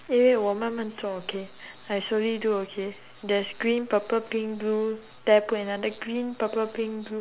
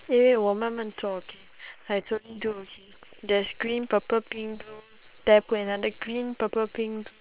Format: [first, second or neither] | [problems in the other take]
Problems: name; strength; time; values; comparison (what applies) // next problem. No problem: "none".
first | noise reduction (neural separator model SepFormer WHAM!)